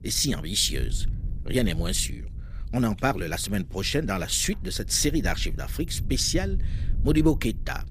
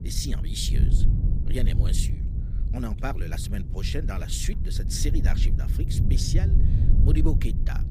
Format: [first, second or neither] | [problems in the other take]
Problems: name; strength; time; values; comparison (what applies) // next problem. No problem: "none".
first | low rumble; loud; throughout; 6 dB below the speech; faint in the first